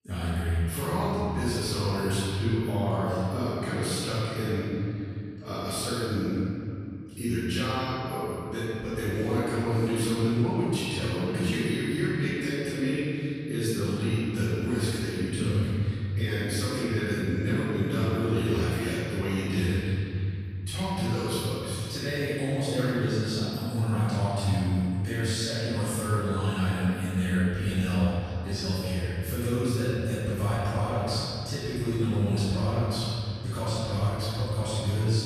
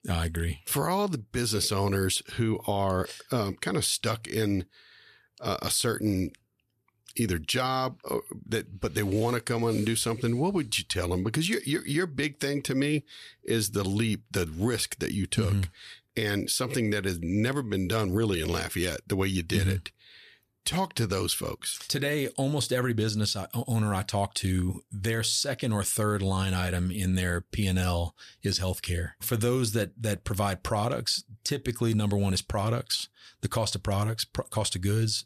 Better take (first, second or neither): second